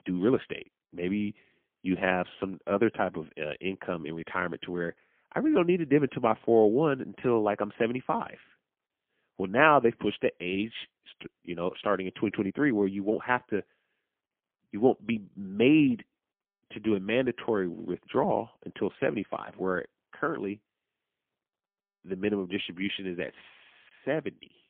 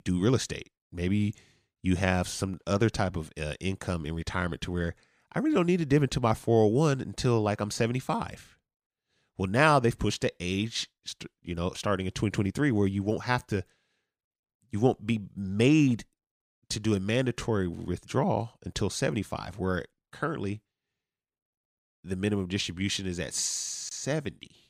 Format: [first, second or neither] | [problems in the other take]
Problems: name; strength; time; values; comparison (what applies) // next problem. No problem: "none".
second | phone-call audio; poor line; nothing above 3.5 kHz